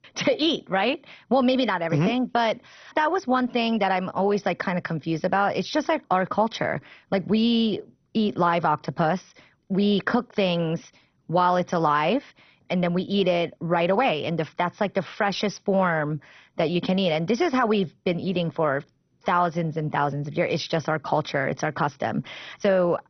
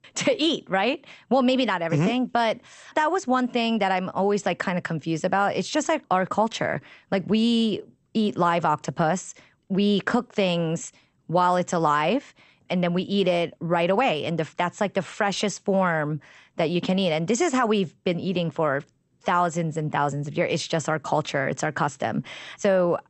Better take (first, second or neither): second